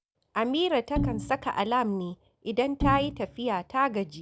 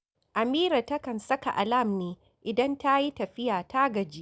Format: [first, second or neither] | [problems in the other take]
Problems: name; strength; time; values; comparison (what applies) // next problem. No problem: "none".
second | background sound (Bowed string instrument); 5 dB below the speech